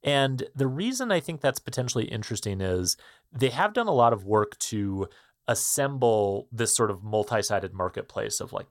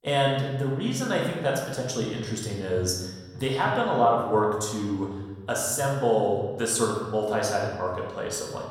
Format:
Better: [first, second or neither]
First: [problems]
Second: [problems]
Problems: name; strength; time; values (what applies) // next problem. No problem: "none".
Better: first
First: none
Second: room echo; noticeable; dies away in 1.2 s // off-mic speech; far